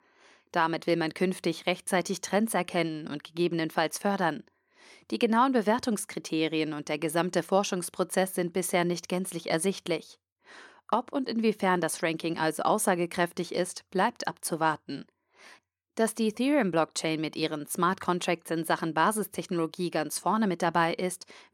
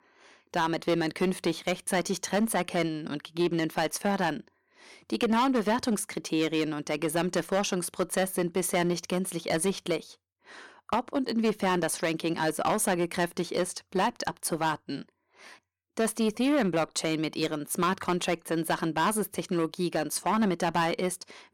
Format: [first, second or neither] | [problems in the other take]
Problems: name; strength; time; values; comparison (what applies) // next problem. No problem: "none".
first | distortion; slight; 5% of the sound clipped